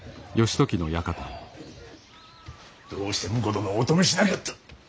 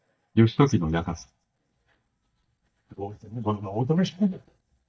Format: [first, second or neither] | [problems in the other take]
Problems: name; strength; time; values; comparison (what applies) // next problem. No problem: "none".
first | noise reduction (neural mask model DeepFilterNet 3)